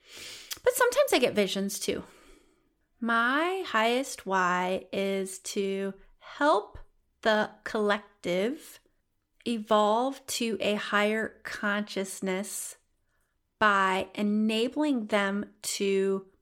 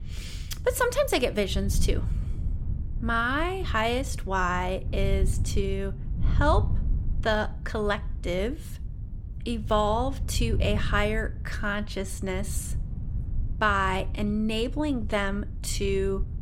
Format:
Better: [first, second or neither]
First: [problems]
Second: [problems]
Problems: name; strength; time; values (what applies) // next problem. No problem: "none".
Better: first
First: none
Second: wind noise on the microphone; occasional gusts; 20 dB below the speech